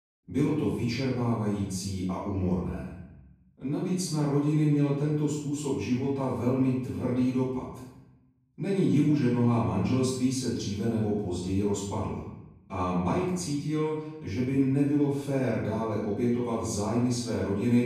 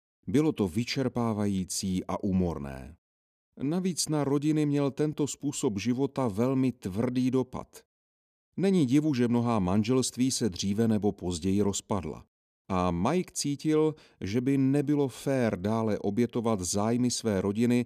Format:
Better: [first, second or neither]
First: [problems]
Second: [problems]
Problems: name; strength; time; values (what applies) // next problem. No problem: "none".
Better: second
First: off-mic speech; far // room echo; strong; dies away in 0.9 s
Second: none